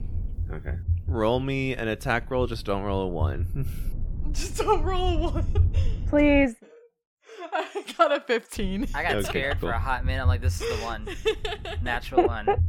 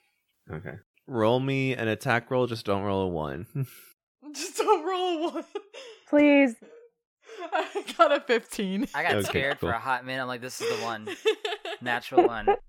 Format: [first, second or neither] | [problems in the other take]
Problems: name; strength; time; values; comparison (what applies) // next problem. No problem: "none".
second | low rumble; faint; until 6.5 s and from 8.5 s on; 20 dB below the speech